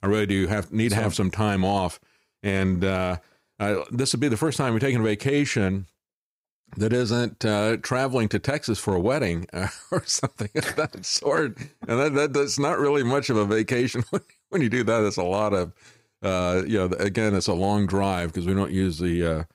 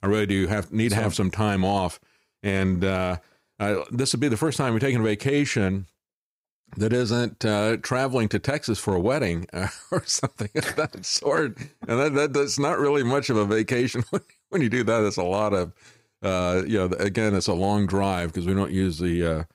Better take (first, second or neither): neither